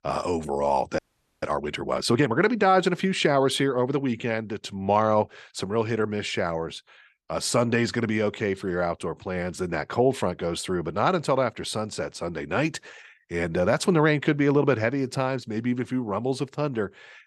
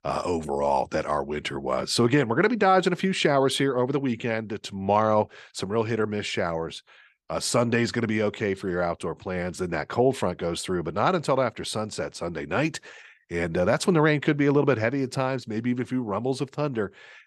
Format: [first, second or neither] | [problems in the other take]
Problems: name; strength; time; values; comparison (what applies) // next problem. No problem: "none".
second | audio freezing; at 1 s